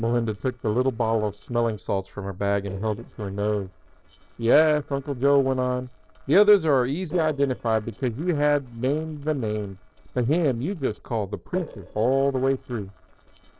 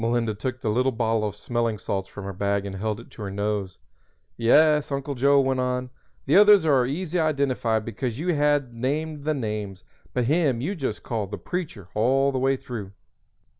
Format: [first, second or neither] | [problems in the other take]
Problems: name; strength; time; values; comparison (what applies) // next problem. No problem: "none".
second | noise reduction (neural separator model SepFormer DNS4)